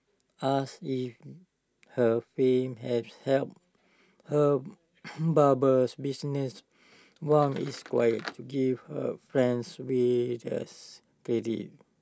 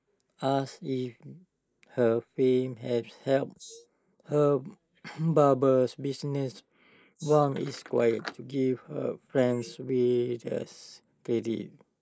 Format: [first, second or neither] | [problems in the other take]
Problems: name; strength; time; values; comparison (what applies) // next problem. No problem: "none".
first | noise reduction (neural mask model Resemble Enhance denoiser)